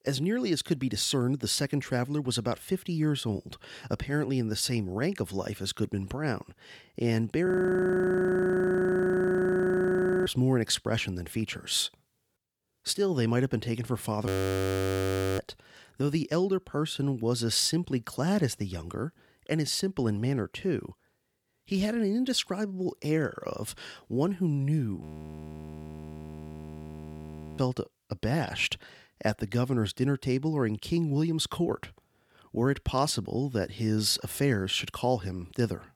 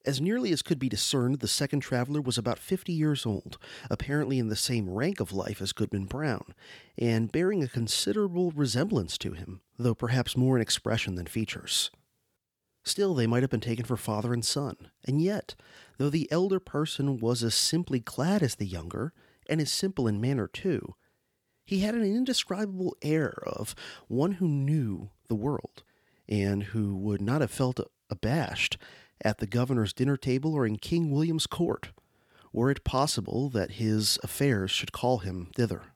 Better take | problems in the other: second | audio freezing; at 7.5 s for 3 s, at 14 s for 1 s and at 25 s for 2.5 s

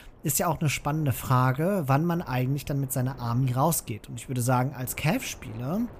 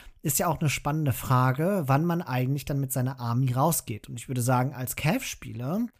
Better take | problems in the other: second | wind noise on the microphone; occasional gusts; 25 dB below the speech

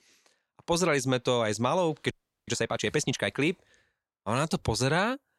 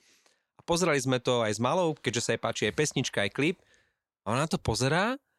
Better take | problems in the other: second | audio freezing; at 2 s

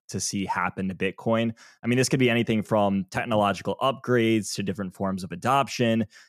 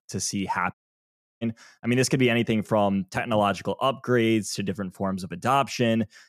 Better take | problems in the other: first | audio cutting out; at 0.5 s for 0.5 s

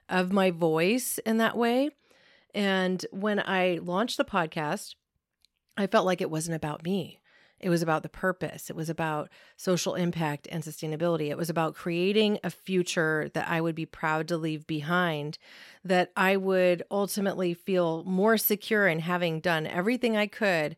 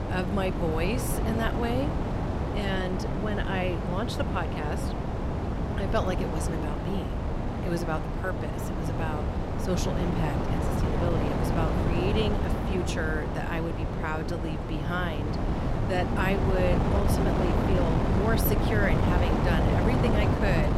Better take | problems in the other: first | wind noise on the microphone; heavy; as loud as the speech

